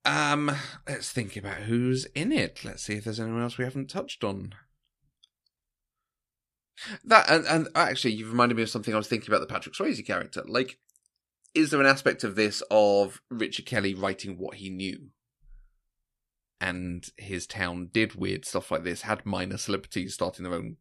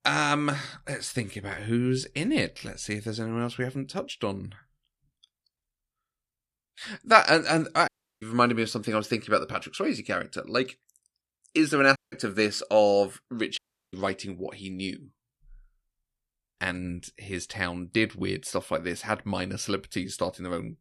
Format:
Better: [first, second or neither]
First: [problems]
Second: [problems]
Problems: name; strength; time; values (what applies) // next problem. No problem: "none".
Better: first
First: none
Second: audio cutting out; at 8 s, at 12 s and at 14 s